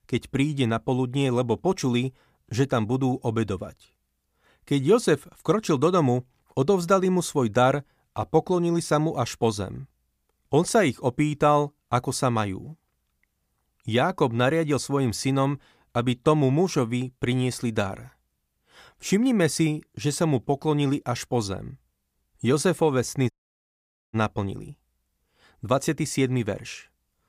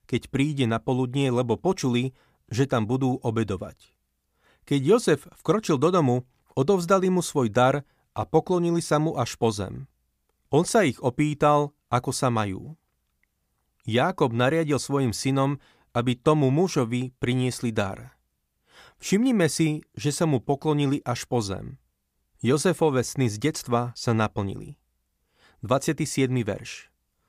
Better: second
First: audio cutting out; at 23 s for 1 s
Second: none

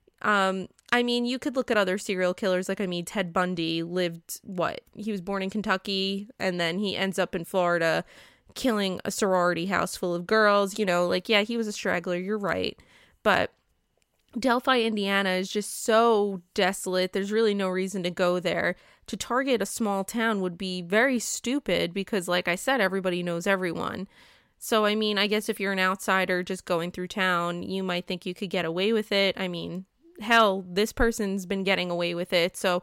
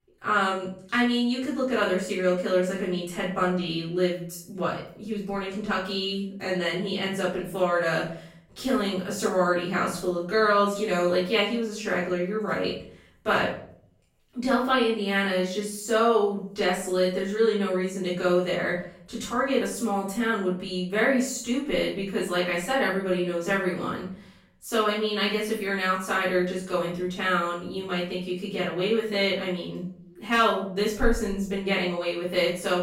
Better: first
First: none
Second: room echo; noticeable; dies away in 0.5 s // off-mic speech; far

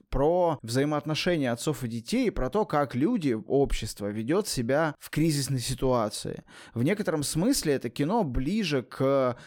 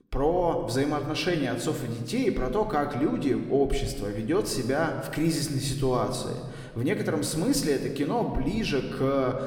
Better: first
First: none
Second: room echo; slight; dies away in 1.3 s

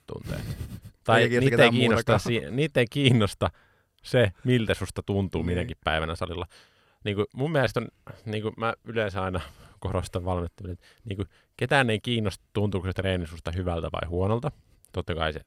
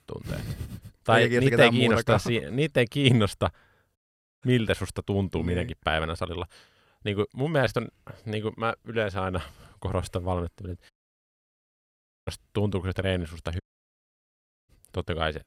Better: first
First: none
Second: audio cutting out; at 4 s, at 11 s for 1.5 s and at 14 s for 1 s

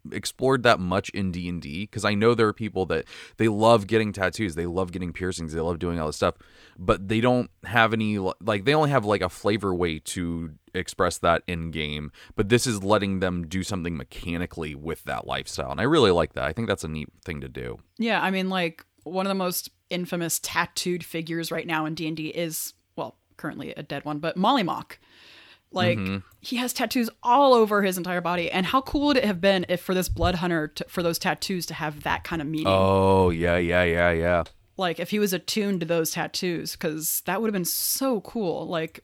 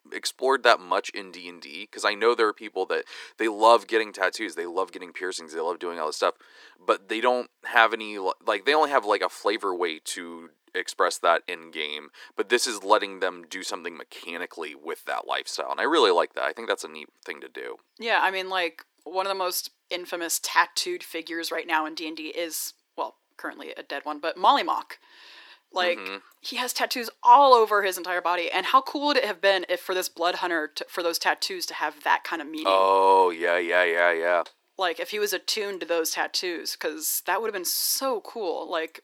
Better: first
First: none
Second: thin; very; fading below 300 Hz

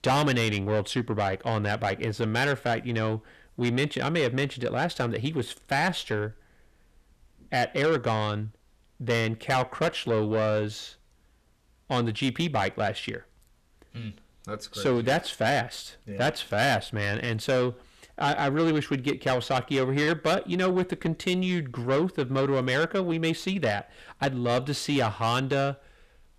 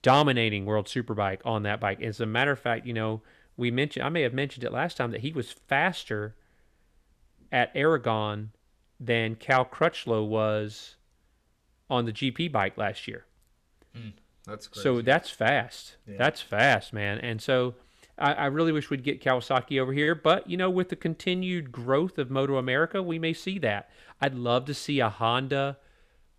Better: second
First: distortion; heavy; 8 dB below the speech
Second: none

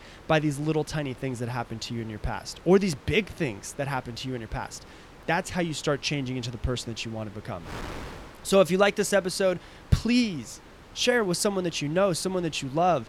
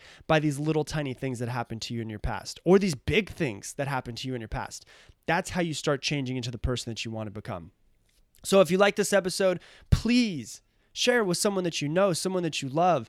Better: second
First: wind noise on the microphone; occasional gusts; 20 dB below the speech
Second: none

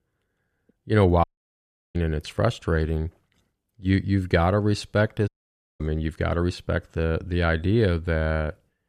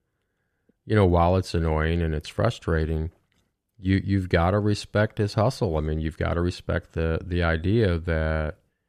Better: second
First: audio cutting out; at 1 s for 0.5 s and at 5.5 s for 0.5 s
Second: none

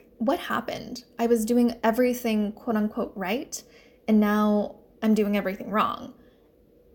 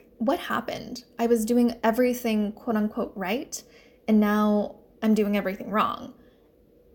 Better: neither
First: none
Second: none

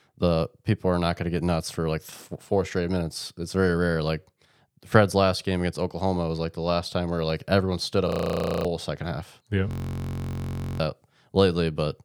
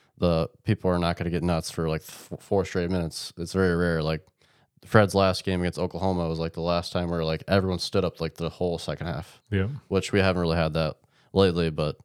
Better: second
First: audio freezing; at 8 s for 0.5 s and at 9.5 s for 1 s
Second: none

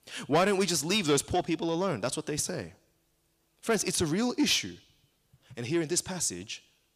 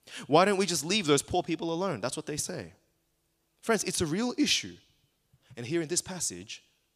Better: second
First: distortion; slight; 10 dB below the speech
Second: none

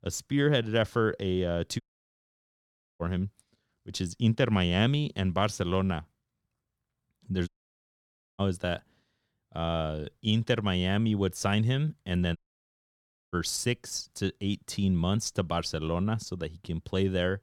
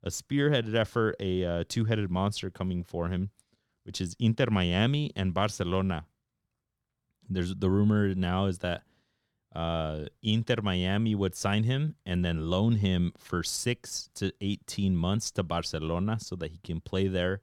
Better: second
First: audio cutting out; at 2 s for 1 s, at 7.5 s for 1 s and at 12 s for 1 s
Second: none

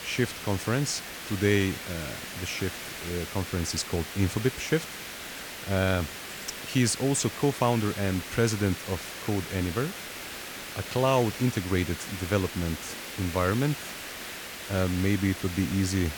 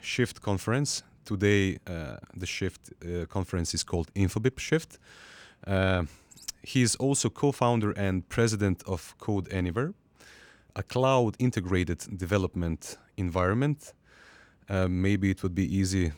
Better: second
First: hiss; loud; throughout; 8 dB below the speech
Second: none

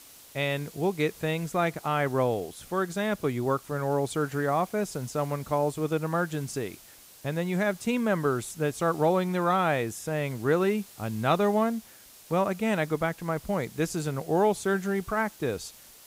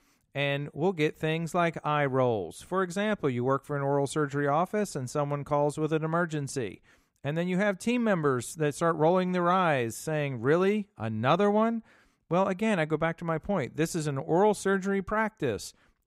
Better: second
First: hiss; faint; throughout; 20 dB below the speech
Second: none

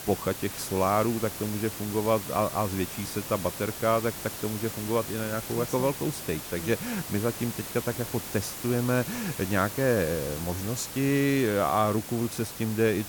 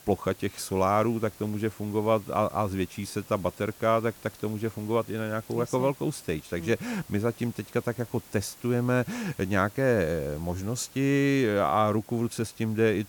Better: second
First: hiss; loud; throughout; 7 dB below the speech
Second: hiss; faint; throughout; 20 dB below the speech

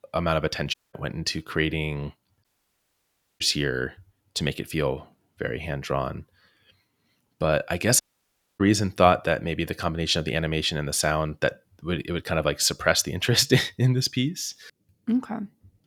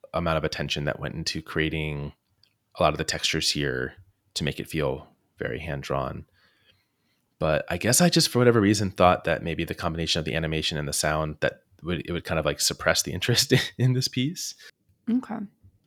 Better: second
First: audio cutting out; at 0.5 s, at 2.5 s for 1 s and at 8 s for 0.5 s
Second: none

